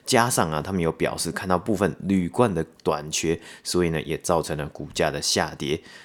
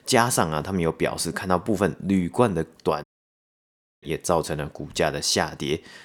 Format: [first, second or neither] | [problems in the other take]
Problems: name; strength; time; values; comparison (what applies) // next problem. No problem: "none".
first | audio cutting out; at 3 s for 1 s